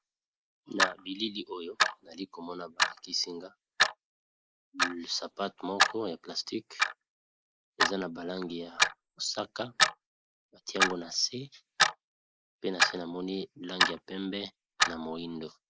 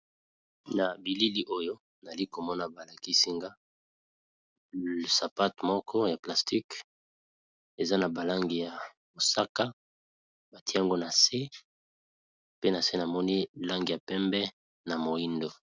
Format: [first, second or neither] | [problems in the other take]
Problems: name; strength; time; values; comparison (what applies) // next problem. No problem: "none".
second | noise reduction (neural mask model Resemble Enhance denoiser)